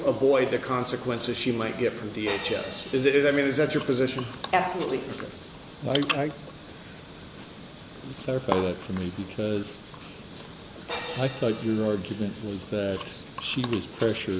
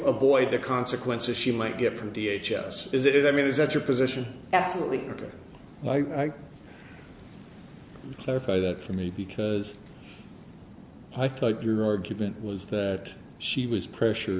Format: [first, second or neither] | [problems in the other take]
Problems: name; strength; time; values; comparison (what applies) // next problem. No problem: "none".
second | background sound (Crash cymbal + Bathtub (filling or washing) / Water); 12 dB below the speech